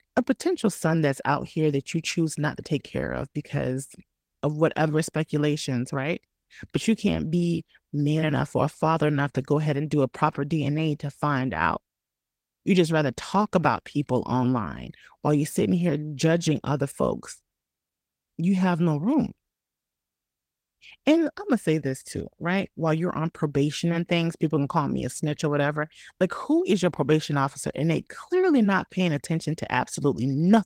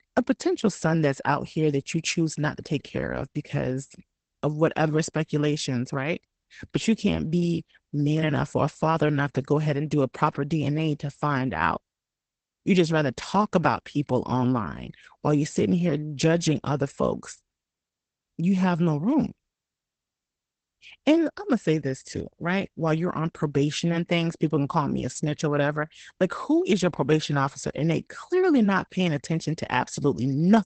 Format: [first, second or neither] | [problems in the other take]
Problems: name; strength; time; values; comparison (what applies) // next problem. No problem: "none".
first | garbled, watery; badly; nothing above 8 kHz; slightly in the first